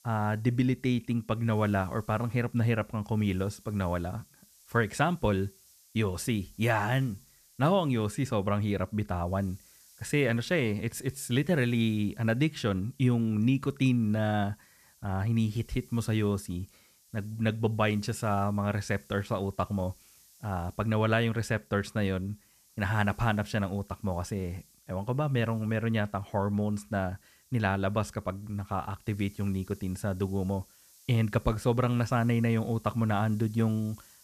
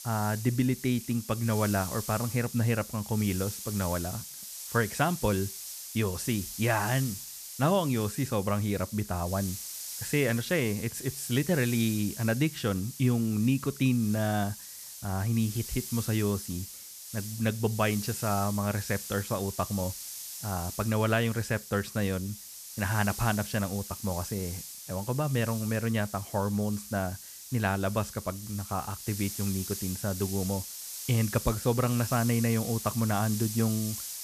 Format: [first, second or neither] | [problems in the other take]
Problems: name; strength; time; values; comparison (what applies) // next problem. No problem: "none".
first | hiss; loud; throughout; 9 dB below the speech; faint in the first